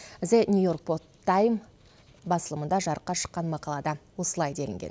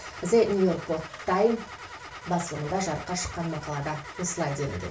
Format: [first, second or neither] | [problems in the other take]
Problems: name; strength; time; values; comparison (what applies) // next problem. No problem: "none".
first | background sound (Engine starting / Car); 13 dB below the speech // room echo; dies away in 0.2 s